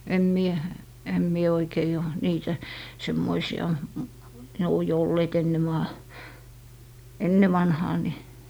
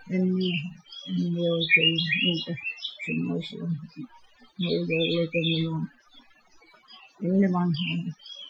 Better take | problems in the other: first | noise reduction (classical method Wiener filter)

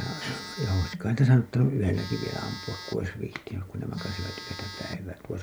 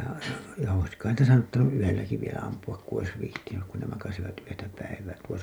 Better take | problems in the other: second | background sound (Telephone); 13 dB below the speech

